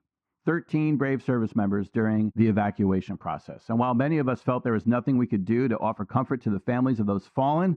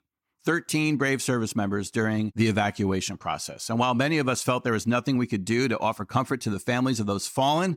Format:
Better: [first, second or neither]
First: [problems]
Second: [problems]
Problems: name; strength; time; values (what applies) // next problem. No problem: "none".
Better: second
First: muffled; very; fading above 1.5 kHz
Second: none